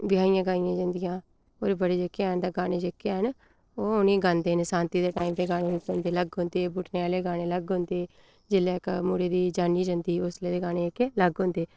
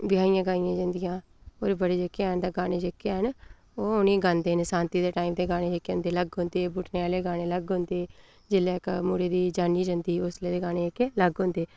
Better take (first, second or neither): second